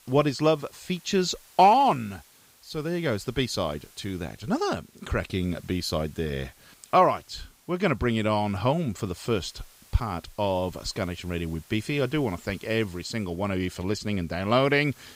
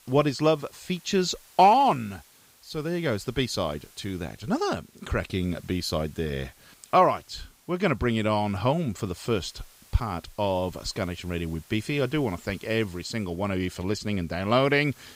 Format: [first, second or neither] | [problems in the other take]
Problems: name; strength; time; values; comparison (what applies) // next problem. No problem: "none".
neither | hiss; faint; throughout; 25 dB below the speech; the same in both